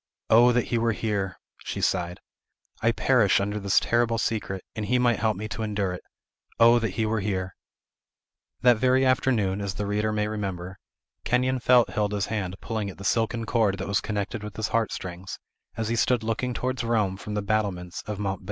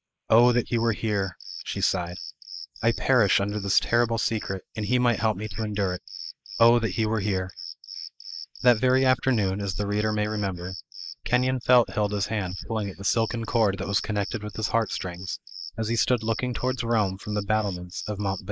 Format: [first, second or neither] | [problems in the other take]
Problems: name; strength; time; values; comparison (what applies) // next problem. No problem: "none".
first | noise reduction (neural mask model Resemble Enhance denoiser)